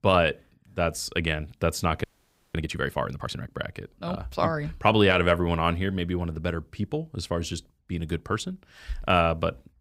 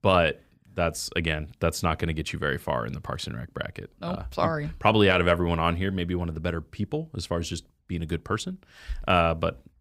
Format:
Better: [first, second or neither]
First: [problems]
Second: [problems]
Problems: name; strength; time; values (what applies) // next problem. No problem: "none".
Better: second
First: audio freezing; at 2 s for 0.5 s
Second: none